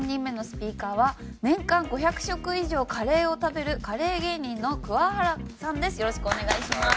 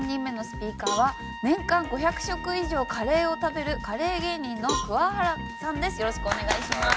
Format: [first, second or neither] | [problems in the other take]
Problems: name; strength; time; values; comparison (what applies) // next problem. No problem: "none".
first | background sound (Cowbell + Trumpet); 10 dB below the speech